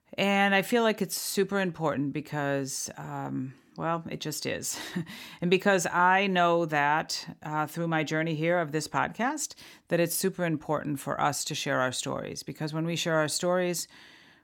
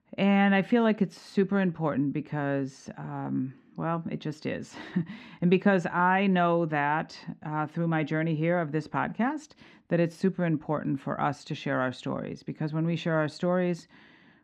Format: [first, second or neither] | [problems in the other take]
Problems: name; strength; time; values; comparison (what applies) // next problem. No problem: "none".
first | muffled; slightly; fading above 2.5 kHz